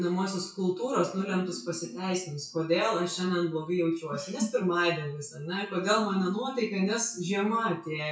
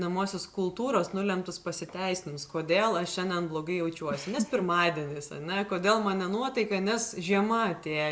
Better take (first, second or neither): second